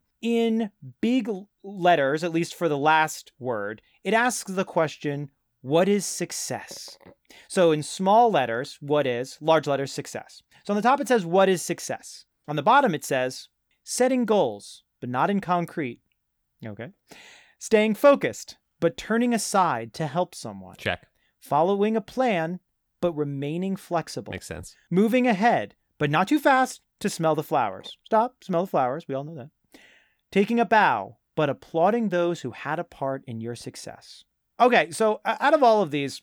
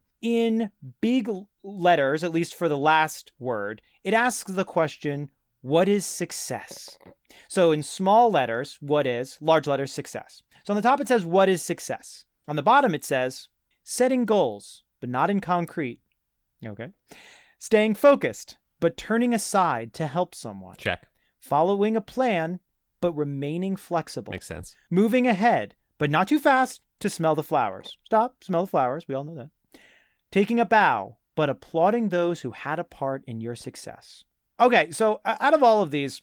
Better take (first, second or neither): first